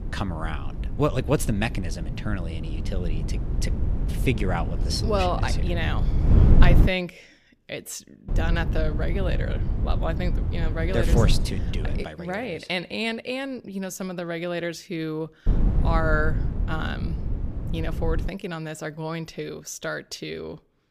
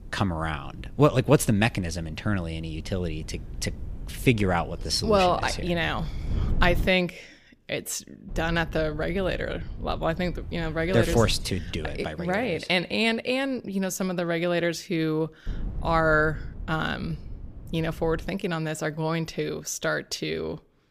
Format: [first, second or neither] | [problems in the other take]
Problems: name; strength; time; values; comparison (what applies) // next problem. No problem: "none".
second | wind noise on the microphone; heavy; until 7 s, from 8.5 to 12 s and from 15 to 18 s; 8 dB below the speech; occasional gusts in the second